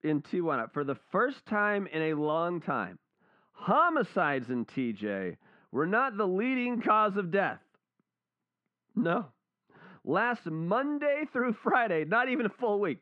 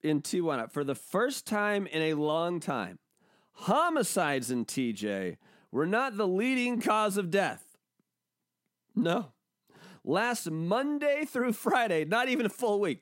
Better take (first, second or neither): second